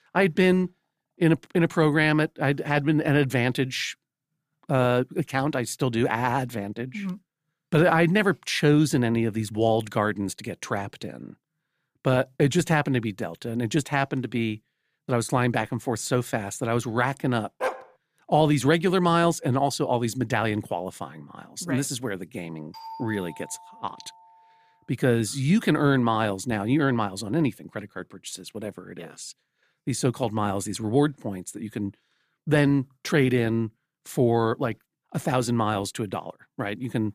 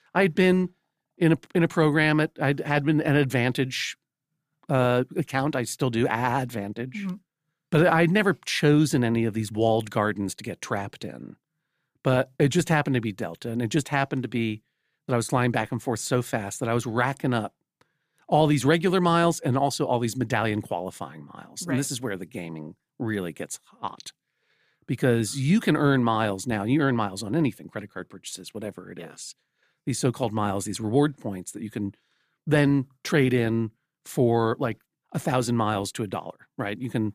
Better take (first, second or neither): second